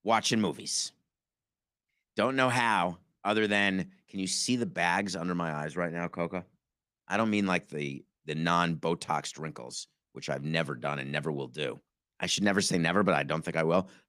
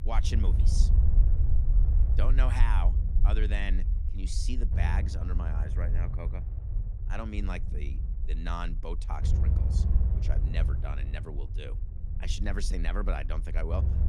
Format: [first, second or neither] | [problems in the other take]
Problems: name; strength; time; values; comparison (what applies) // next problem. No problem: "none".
first | low rumble; loud; throughout; 8 dB below the speech